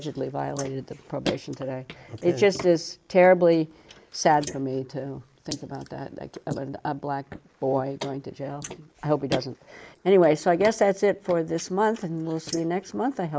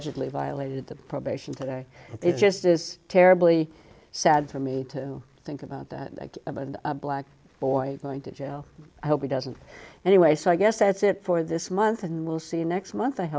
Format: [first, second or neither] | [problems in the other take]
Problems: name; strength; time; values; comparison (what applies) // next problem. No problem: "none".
second | noise reduction (neural mask model Resemble Enhance denoiser)